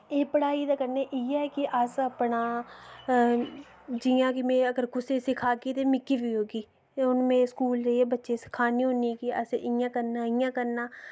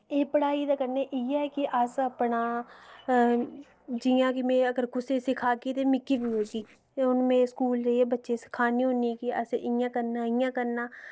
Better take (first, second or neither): first